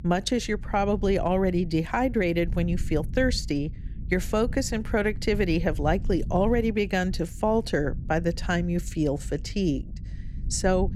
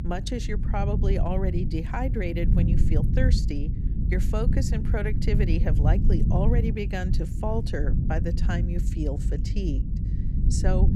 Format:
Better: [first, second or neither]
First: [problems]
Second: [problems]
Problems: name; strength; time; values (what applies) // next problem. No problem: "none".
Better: first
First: low rumble; faint; throughout; 20 dB below the speech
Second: low rumble; loud; throughout; 6 dB below the speech